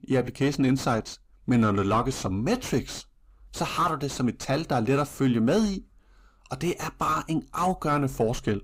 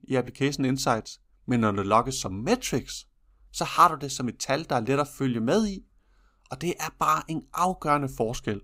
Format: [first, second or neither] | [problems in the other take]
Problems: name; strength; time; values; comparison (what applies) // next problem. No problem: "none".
second | distortion; heavy; 6 dB below the speech